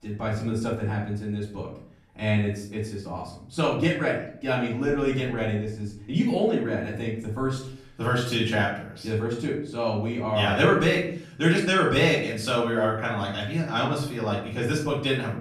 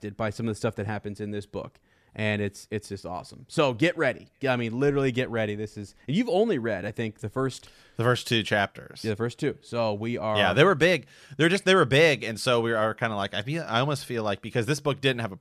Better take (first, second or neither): second